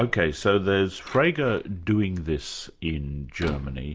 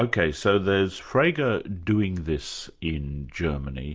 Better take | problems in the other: second | background sound (Door); 19 dB below the speech

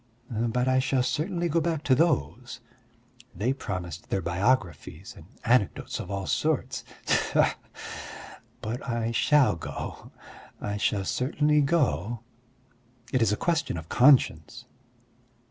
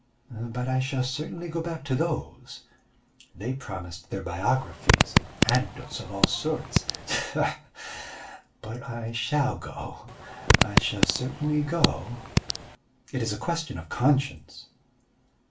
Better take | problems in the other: first | background sound (Fart); 4 dB above the speech // room echo; dies away in 0.3 s

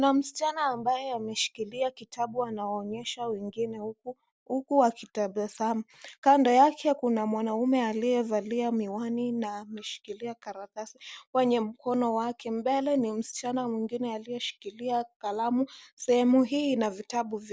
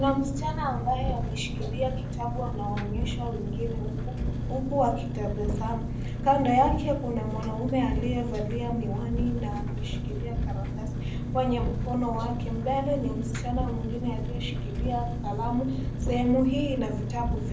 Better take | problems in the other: first | background sound (Engine); as loud as the speech // room echo; dies away in 0.6 s

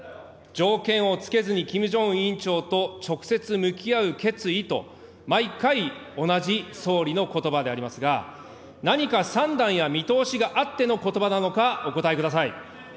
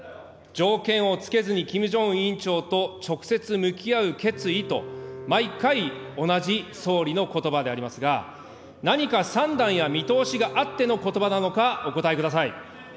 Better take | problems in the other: first | background sound (Bowed string instrument); 14 dB below the speech

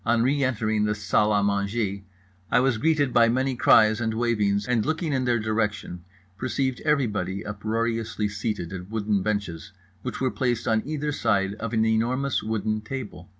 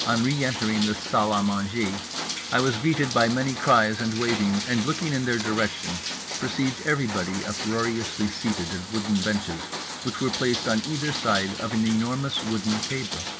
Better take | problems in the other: first | background sound (Rain); 7 dB below the speech

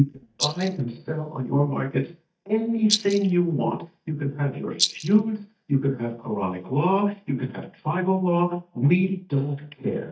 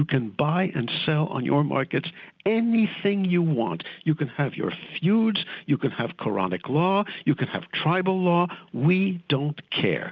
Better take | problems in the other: second | noise reduction (neural mask model DeepFilterNet 3)

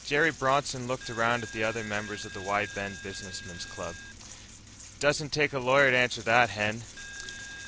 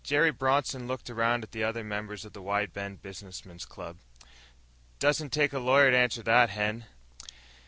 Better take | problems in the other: second | background sound (Coin (dropping)); 14 dB below the speech

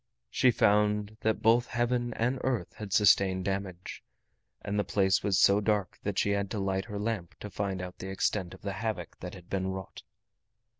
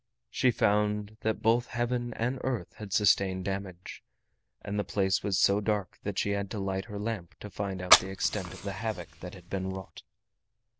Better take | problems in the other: first | background sound (Fire); as loud as the speech

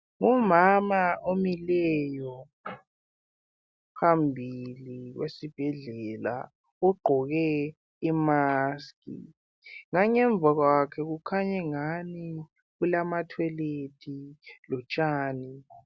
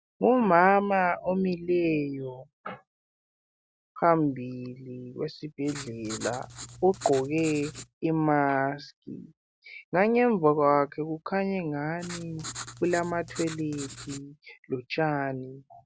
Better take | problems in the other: first | background sound (Writing); 13 dB below the speech

